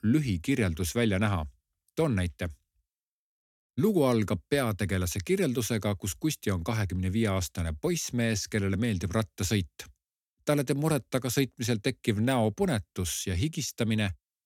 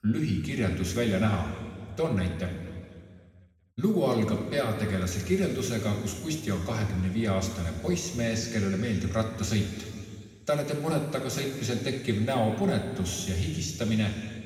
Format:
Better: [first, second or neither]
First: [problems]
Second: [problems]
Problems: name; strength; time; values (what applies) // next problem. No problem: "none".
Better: first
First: none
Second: room echo; noticeable; dies away in 2.1 s // off-mic speech; far